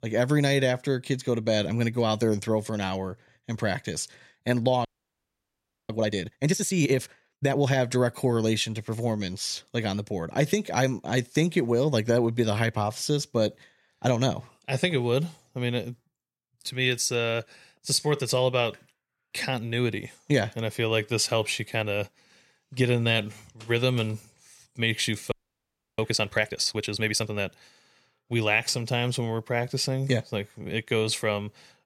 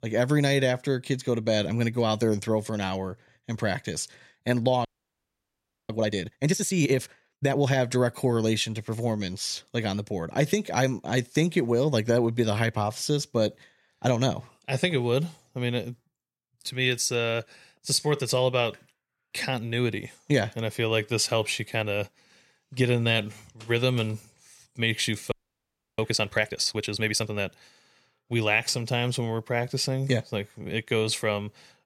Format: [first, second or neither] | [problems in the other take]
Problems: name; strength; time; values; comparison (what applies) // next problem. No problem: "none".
neither | audio freezing; at 5 s for 1 s and at 25 s for 0.5 s; the same in both